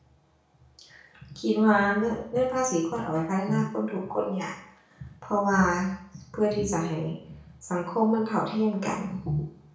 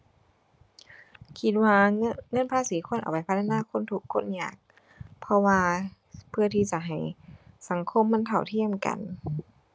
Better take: second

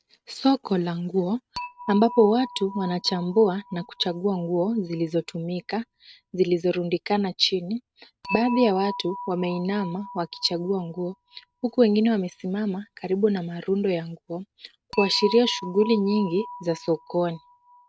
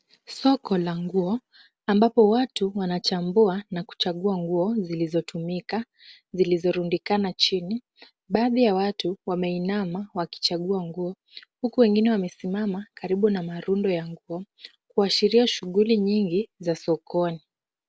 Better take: second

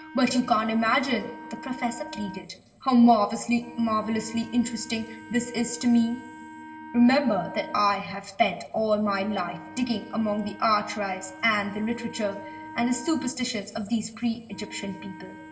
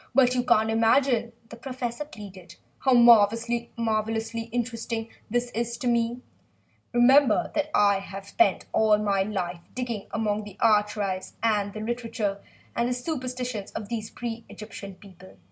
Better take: second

